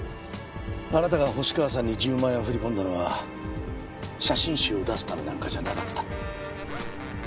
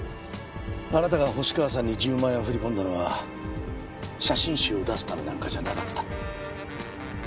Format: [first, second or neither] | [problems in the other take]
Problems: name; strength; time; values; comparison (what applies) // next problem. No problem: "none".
second | background sound (Zipper (clothing)); 11 dB below the speech